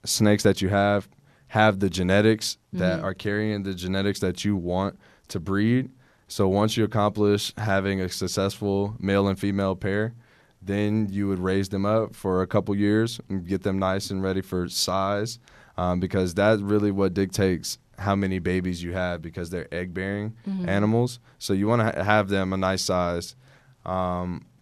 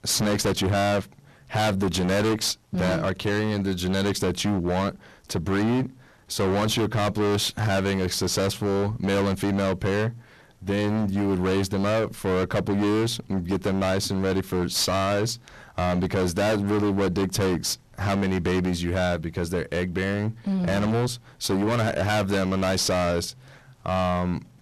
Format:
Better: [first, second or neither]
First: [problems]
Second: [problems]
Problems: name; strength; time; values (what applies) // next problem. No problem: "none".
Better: first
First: none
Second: distortion; heavy; 28% of the sound clipped